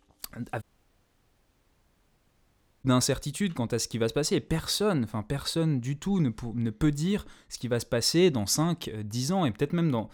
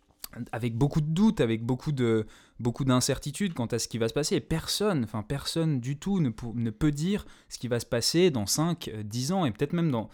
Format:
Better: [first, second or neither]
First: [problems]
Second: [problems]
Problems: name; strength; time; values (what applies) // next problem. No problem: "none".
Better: second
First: audio cutting out; at 0.5 s for 2 s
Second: none